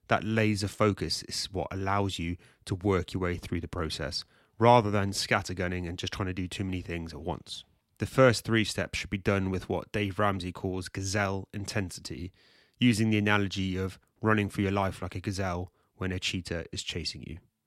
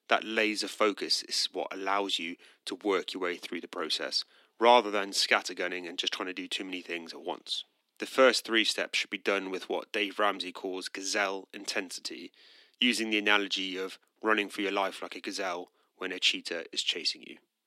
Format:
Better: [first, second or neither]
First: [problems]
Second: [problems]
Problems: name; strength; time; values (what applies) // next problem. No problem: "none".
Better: first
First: none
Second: thin; somewhat; fading below 250 Hz